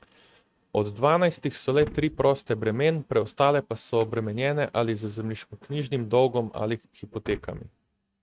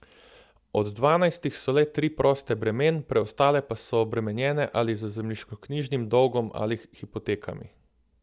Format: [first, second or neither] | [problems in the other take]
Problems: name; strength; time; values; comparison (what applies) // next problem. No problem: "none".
second | noise reduction (neural mask model RNNoise)